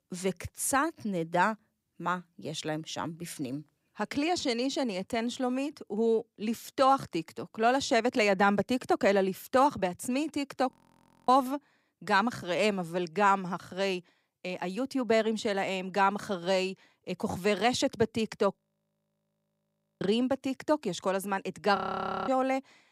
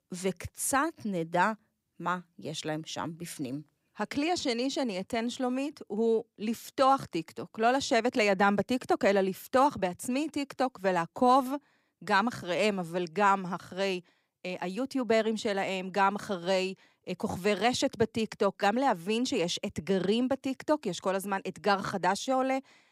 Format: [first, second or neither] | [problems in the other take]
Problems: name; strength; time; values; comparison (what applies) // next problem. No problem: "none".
second | audio freezing; at 11 s for 0.5 s, at 19 s for 1.5 s and at 22 s for 0.5 s